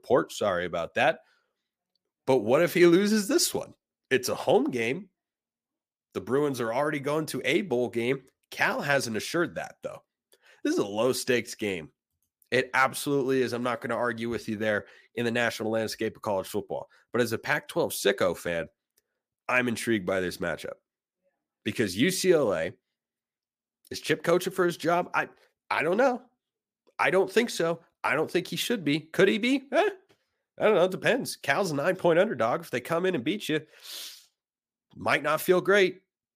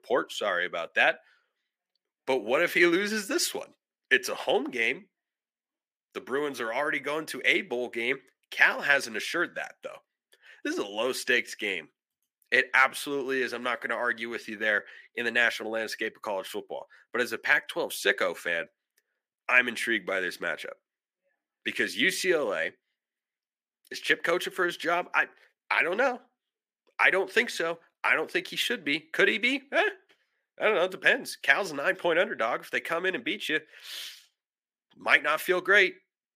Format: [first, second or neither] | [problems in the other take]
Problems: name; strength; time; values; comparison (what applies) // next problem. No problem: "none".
first | thin; somewhat; fading below 300 Hz